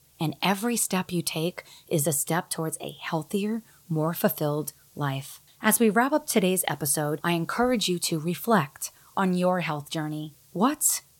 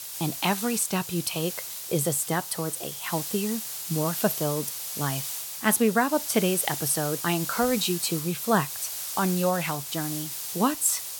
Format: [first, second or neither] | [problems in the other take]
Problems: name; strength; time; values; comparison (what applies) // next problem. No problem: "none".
first | hiss; loud; throughout; 5 dB below the speech; faint in the first